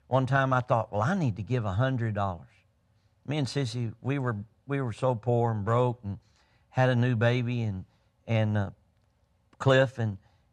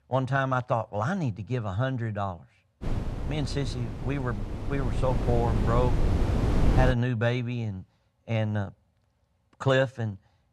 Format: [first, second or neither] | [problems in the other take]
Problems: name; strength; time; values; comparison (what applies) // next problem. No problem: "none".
first | wind noise on the microphone; heavy; from 3 to 7 s; 7 dB below the speech